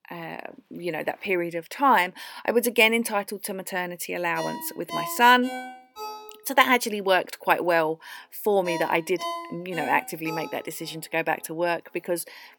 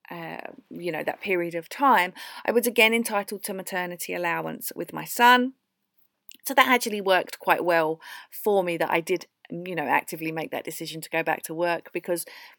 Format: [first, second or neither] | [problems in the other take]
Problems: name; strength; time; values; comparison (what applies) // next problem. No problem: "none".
second | phone ringing; noticeable; from 4.5 to 11 s; peak 8 dB below the speech